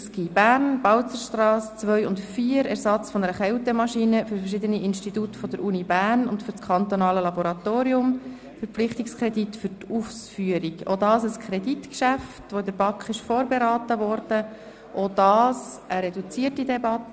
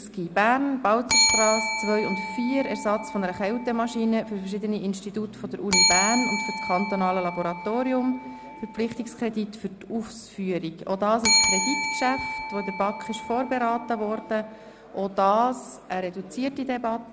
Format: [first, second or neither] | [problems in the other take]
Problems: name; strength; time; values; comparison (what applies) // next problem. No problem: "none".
first | background sound (Bell); 1 dB below the speech